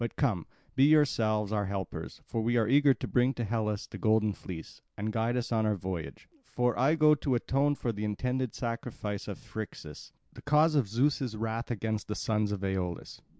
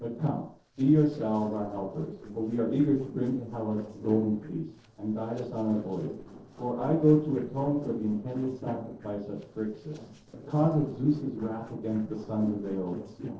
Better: first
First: none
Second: noise reduction (neural separator model SepFormer DNS4)

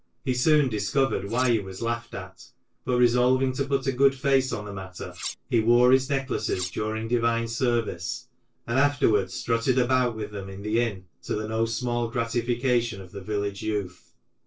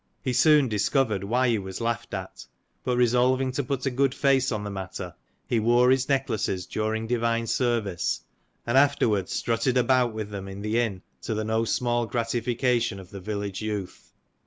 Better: second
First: noise reduction (neural separator model SepFormer DNS4)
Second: none

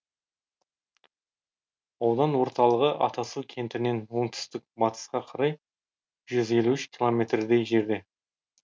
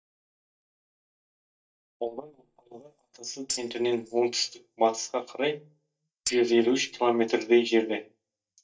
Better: first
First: none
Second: noise reduction (neural mask model DeepFilterNet 3)

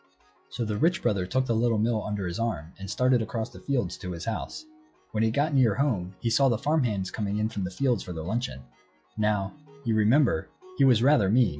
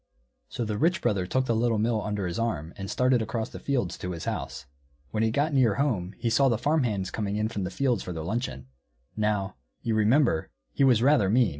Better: second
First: noise reduction (classical method log-MMSE)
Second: none

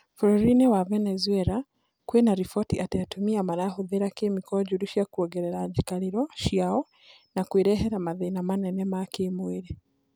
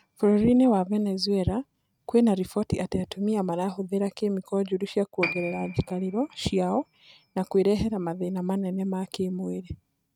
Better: first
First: none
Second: noise reduction (neural mask model RNNoise)

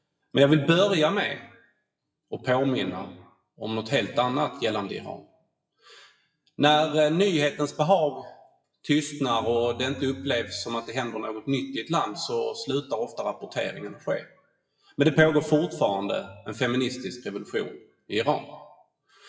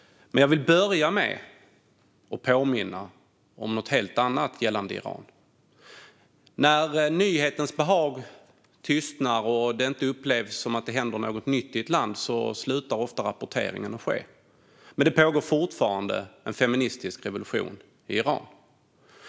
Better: second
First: noise reduction (classical method WPE with log-MMSE)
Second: none

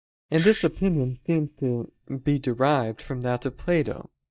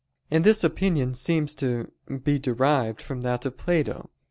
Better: second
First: noise reduction (neural mask model DeepFilterNet 3)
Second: none

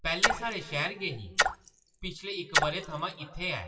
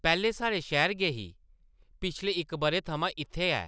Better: second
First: noise reduction (classical method WPE with log-MMSE)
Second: none

